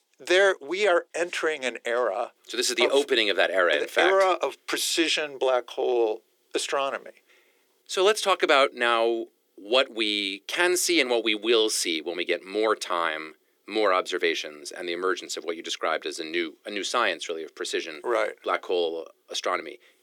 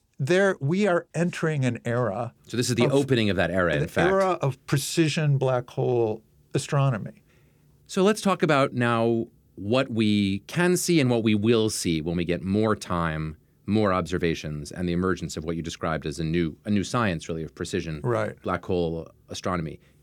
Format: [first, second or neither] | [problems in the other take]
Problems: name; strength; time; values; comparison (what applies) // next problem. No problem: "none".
second | thin; very; fading below 350 Hz